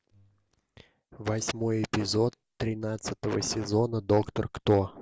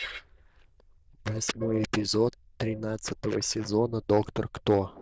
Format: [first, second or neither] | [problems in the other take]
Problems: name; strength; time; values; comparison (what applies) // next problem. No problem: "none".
first | noise reduction (neural diffusion model UNIVERSE++)